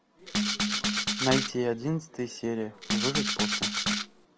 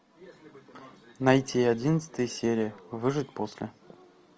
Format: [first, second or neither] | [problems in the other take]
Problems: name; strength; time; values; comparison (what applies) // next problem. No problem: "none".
second | background sound (Rattle (instrument)); 4 dB above the speech